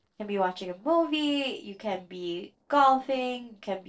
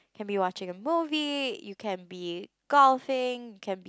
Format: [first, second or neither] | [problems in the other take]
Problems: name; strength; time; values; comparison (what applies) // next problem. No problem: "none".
second | noise reduction (neural separator model SepFormer DNS4)